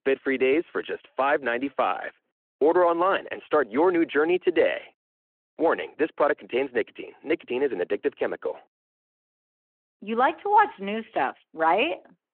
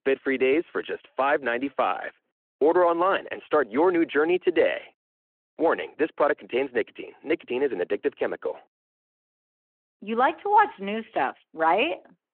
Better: neither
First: phone-call audio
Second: phone-call audio

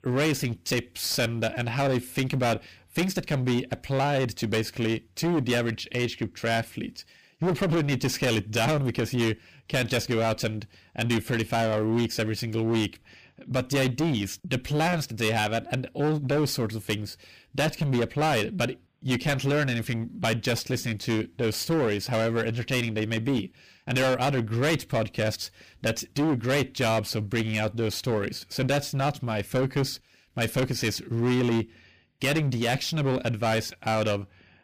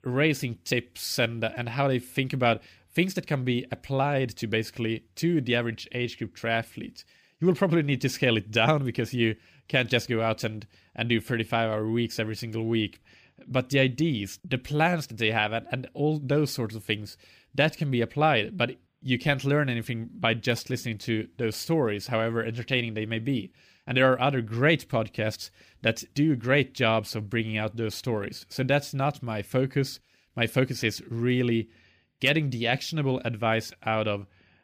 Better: second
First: distortion; heavy; 17% of the sound clipped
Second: none

